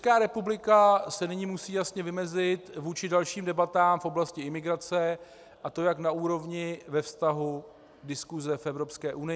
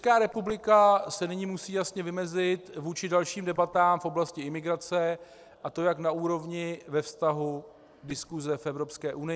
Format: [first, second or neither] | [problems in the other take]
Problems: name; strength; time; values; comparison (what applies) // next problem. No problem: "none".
first | noise reduction (neural separator model SepFormer DNS4)